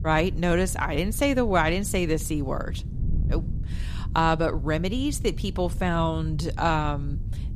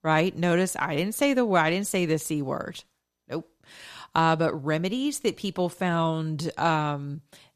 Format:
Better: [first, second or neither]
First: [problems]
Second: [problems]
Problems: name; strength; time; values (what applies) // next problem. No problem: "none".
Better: second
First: wind noise on the microphone; occasional gusts; 20 dB below the speech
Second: none